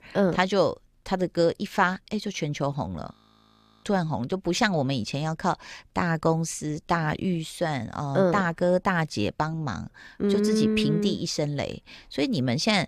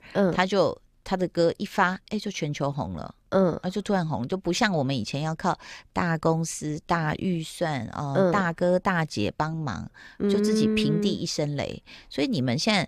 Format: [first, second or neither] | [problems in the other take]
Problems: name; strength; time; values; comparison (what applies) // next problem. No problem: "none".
second | audio freezing; at 3 s for 0.5 s